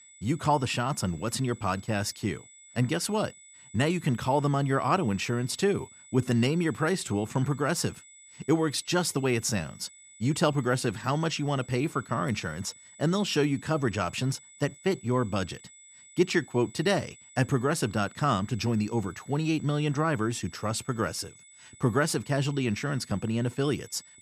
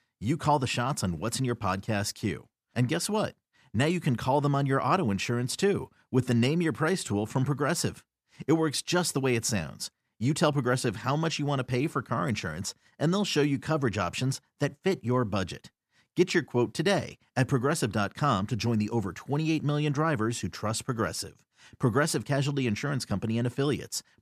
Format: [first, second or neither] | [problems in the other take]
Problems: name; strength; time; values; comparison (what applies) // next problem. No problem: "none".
second | high-pitched whine; faint; throughout; 8 kHz, 20 dB below the speech